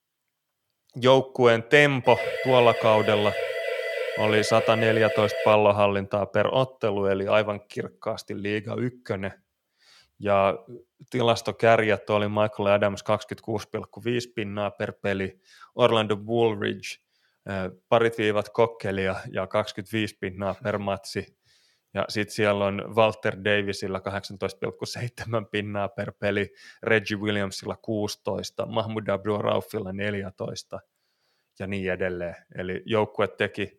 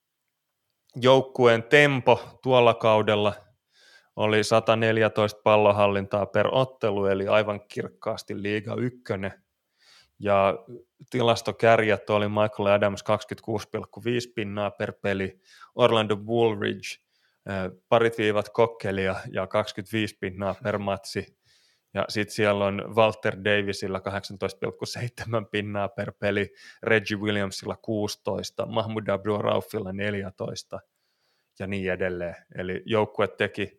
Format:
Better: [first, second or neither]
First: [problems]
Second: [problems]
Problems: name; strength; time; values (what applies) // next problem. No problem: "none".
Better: second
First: siren; noticeable; from 2 to 5.5 s; peak 3 dB below the speech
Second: none